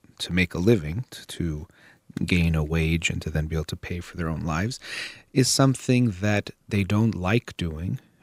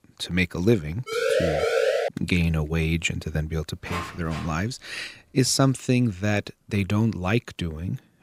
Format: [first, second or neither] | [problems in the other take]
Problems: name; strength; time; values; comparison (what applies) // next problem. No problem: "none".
first | siren; loud; from 1 to 2 s; peak 3 dB above the speech // door banging; noticeable; at 4 s; peak 8 dB below the speech